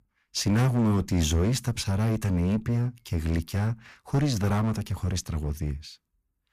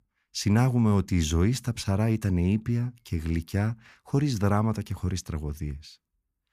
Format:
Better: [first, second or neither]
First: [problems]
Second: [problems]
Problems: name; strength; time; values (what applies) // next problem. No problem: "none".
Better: second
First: distortion; heavy; 11% of the sound clipped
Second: none